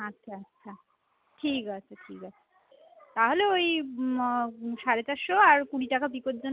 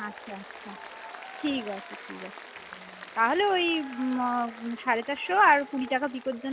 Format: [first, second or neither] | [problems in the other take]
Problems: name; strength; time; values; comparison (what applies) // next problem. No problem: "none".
first | background sound (Applause); 15 dB below the speech